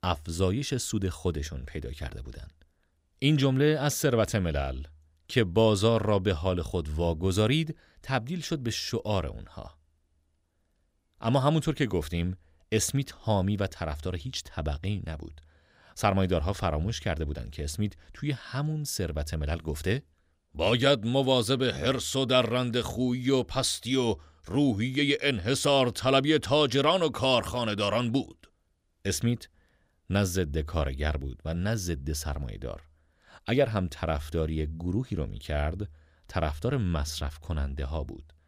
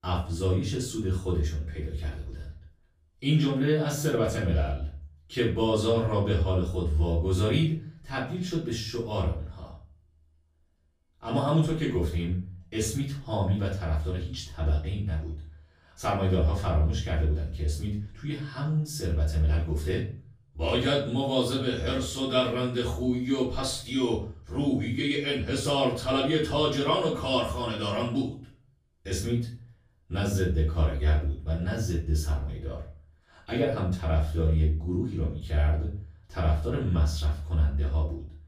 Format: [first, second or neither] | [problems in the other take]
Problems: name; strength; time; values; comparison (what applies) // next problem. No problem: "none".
first | off-mic speech; far // room echo; noticeable; dies away in 0.4 s